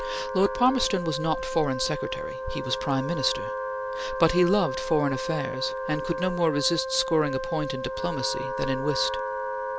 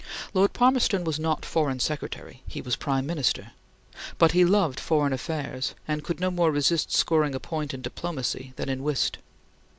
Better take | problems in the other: second | background sound (Wind instrument, woodwind instrument); 4 dB below the speech

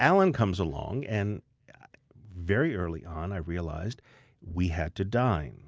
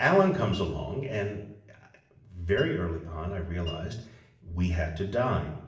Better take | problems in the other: first | background sound (Mallet percussion); 20 dB below the speech // room echo; dies away in 0.7 s

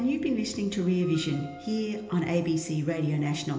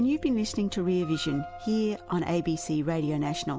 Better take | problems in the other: second | room echo; dies away in 1.4 s

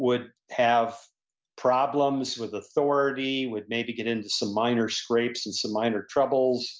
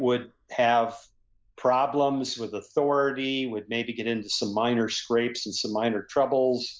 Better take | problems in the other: first | noise reduction (neural mask model Resemble Enhance denoiser)

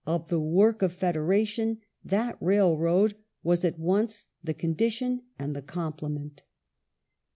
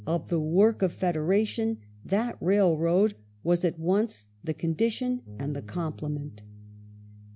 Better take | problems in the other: first | background sound (Bass guitar); 19 dB below the speech

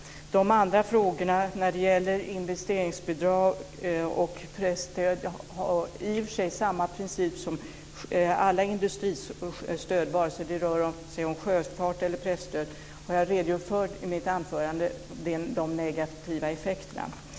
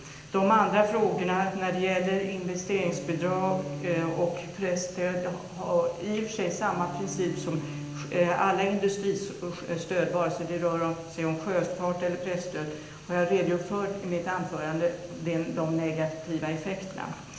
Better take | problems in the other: first | background sound (Bowed string instrument); 14 dB below the speech // room echo; dies away in 0.8 s

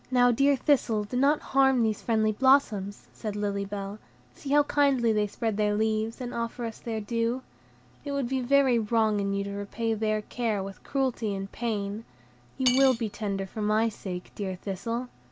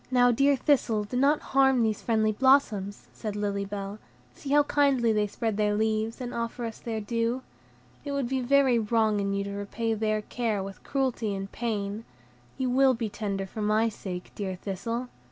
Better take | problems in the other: second | background sound (Cutlery, silverware / Dishes, pots, and pans); 9 dB below the speech

